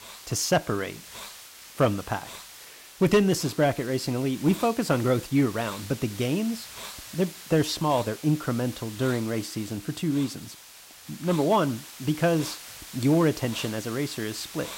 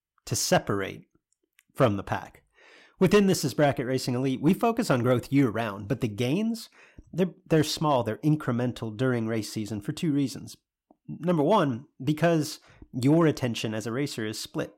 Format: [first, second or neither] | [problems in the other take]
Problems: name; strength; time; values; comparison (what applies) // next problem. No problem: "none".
second | hiss; noticeable; throughout; 15 dB below the speech